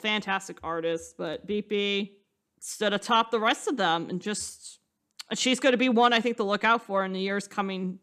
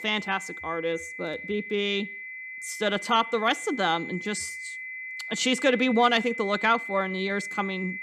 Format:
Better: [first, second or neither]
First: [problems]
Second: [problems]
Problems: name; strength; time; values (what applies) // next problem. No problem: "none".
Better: first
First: none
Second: high-pitched whine; loud; throughout; 2 kHz, 9 dB below the speech